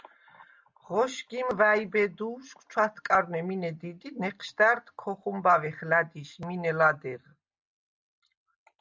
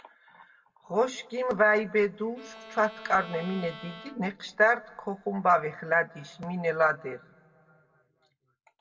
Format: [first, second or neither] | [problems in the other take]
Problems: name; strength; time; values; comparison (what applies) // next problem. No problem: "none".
first | background sound (Bowed string instrument); 18 dB below the speech // room echo; dies away in 1.5 s